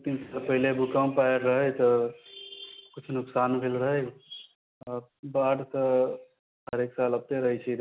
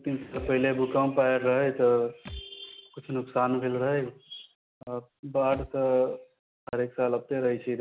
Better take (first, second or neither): first